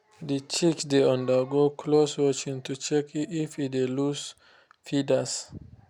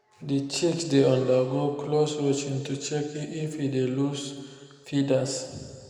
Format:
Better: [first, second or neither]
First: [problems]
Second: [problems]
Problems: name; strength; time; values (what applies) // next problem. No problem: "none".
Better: first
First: none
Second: room echo; dies away in 2 s